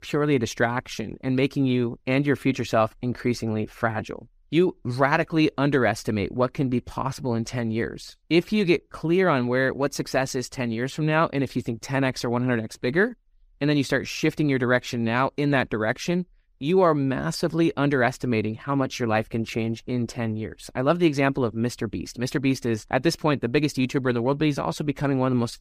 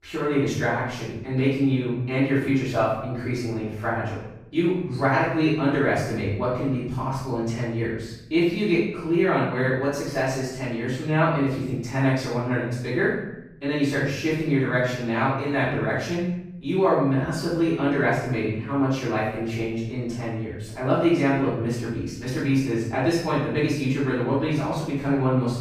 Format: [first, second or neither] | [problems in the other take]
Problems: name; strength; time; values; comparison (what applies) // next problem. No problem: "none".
first | off-mic speech; far // room echo; noticeable; dies away in 0.8 s